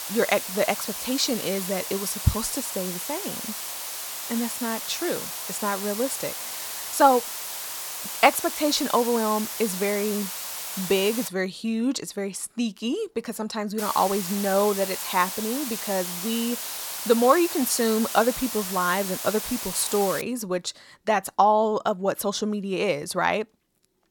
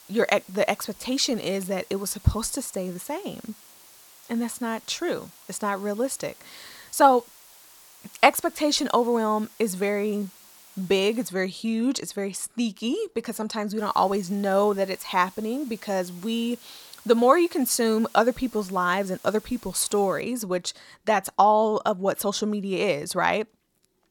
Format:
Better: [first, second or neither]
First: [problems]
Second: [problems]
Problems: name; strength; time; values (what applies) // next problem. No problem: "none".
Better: second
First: hiss; loud; until 11 s and from 14 to 20 s; 5 dB below the speech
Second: hiss; faint; until 11 s and from 14 to 20 s; 25 dB below the speech